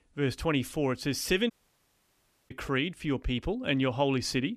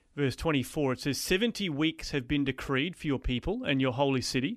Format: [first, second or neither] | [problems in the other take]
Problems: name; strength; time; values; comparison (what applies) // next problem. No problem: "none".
second | audio cutting out; at 1.5 s for 1 s